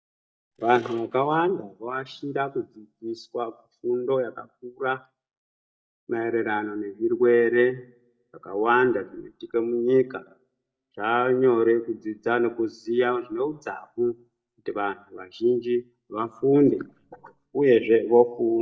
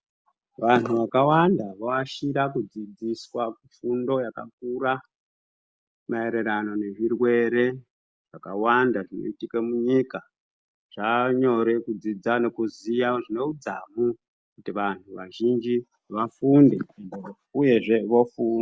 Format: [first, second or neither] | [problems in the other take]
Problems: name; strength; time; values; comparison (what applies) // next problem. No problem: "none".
second | noise reduction (neural mask model DeepFilterNet 3)